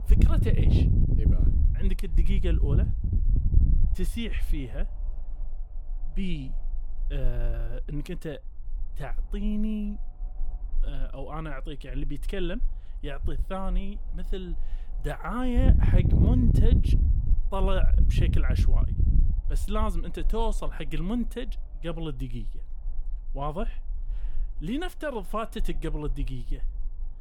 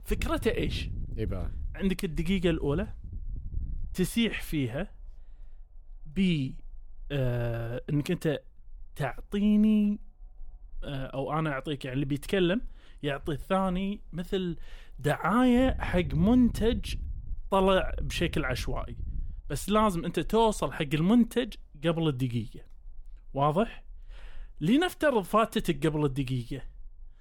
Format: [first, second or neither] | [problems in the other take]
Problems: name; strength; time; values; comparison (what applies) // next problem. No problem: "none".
second | low rumble; loud; throughout; 3 dB below the speech; faint in the second